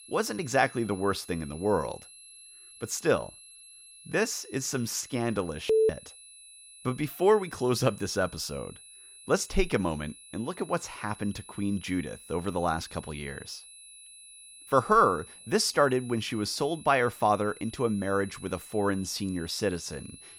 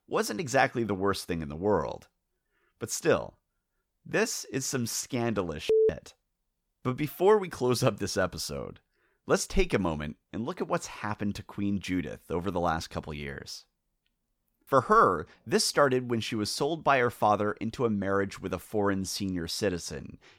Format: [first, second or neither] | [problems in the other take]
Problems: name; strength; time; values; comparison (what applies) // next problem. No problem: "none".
second | high-pitched whine; noticeable; throughout; 10.5 kHz, 20 dB below the speech